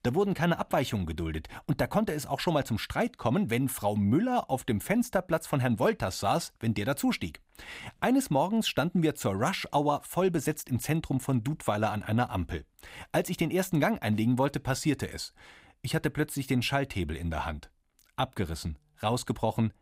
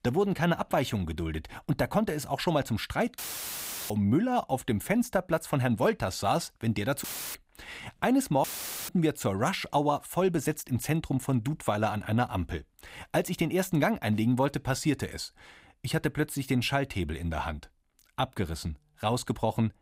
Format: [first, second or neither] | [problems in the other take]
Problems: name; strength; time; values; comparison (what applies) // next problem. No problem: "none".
first | audio cutting out; filled with static; at 3 s for 0.5 s, at 7 s and at 8.5 s